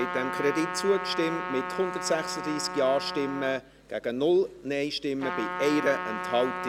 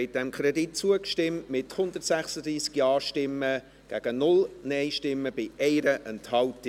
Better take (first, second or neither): second